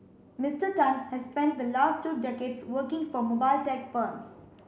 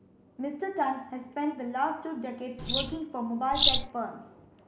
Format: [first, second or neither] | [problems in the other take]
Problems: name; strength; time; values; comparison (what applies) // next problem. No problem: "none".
first | background sound (Bird vocalization, bird call, bird song); 4 dB above the speech